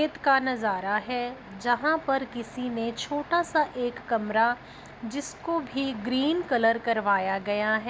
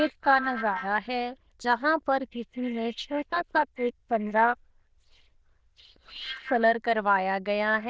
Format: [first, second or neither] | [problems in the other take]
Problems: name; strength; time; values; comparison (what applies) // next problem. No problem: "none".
first | noise reduction (neural diffusion model UNIVERSE++)